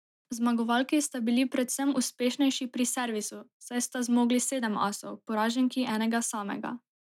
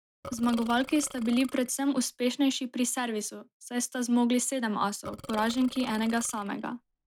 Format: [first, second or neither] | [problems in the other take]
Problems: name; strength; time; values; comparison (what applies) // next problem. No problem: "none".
first | background sound (Burping, eructation); 17 dB below the speech